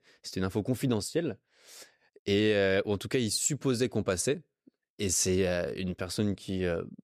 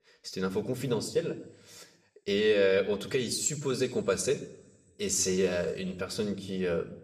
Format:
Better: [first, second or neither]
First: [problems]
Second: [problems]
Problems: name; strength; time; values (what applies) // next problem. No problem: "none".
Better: first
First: none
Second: room echo; very slight; dies away in 0.6 s